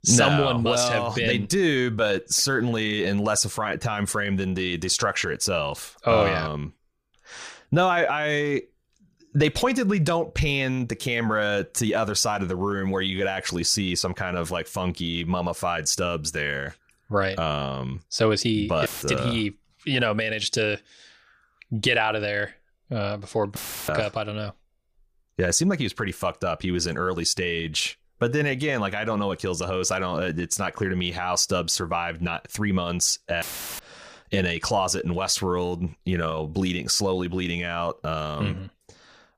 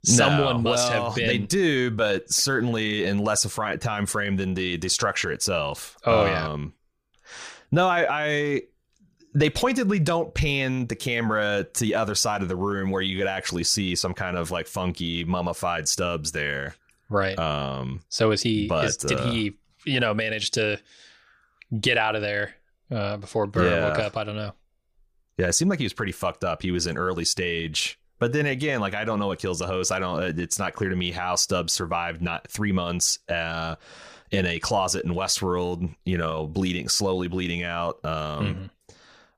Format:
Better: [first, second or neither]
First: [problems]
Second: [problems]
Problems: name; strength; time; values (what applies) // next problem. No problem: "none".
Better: second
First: audio cutting out; filled with static; at 19 s, at 24 s and at 33 s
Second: none